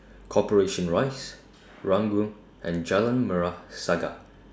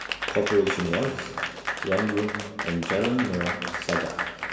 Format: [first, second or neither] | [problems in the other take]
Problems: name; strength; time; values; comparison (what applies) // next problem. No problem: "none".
first | background sound (Applause / Crowd); 4 dB below the speech // room echo; dies away in 2.2 s